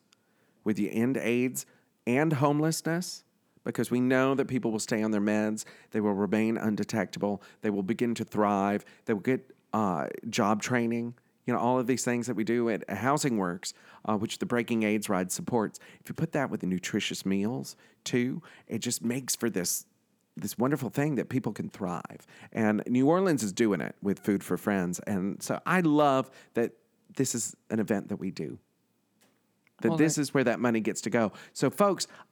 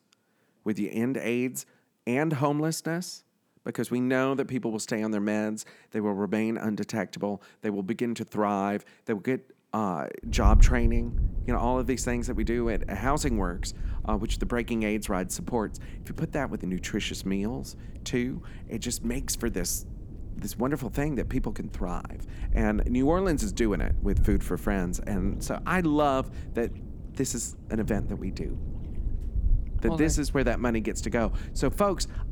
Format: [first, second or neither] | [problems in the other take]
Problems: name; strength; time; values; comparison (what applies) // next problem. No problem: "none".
first | wind noise on the microphone; occasional gusts; from 10 s on; 20 dB below the speech